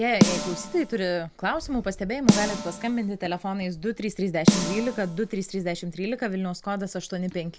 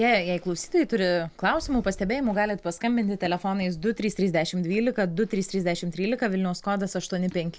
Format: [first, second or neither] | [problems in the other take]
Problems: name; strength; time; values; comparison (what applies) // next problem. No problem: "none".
second | background sound (Snare drum); as loud as the speech